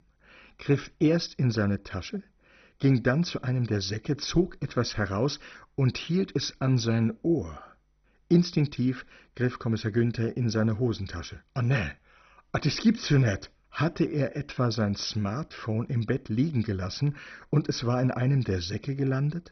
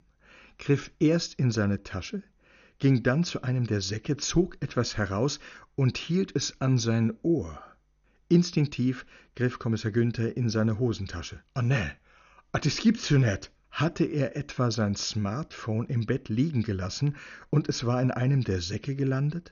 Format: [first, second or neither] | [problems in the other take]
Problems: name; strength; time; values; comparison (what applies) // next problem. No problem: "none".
second | garbled, watery; badly; nothing above 6 kHz; slightly in the second